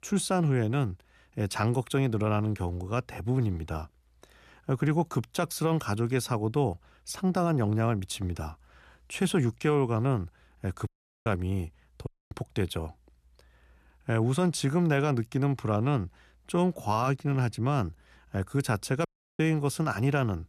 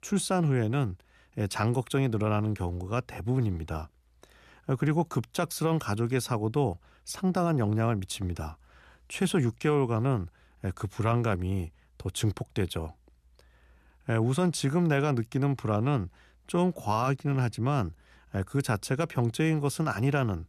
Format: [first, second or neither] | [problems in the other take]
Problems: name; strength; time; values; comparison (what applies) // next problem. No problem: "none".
second | audio cutting out; at 11 s, at 12 s and at 19 s